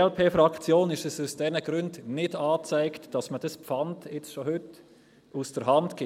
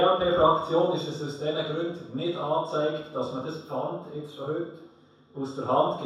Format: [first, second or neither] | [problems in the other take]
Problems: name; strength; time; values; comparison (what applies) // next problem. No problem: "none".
first | room echo; dies away in 0.7 s